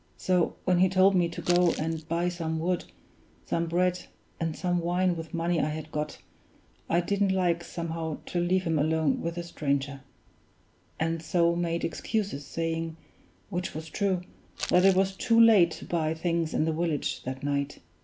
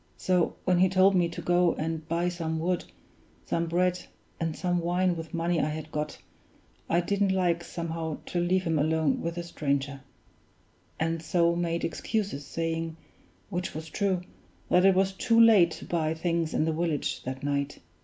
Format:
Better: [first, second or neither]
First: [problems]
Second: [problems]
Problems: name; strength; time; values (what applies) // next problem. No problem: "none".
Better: second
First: background sound (Crumpling, crinkling); 12 dB below the speech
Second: none